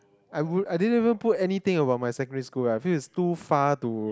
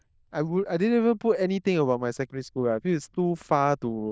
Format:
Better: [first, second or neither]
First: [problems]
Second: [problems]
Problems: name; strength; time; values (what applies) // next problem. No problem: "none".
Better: first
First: none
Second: noise reduction (neural diffusion model UNIVERSE++)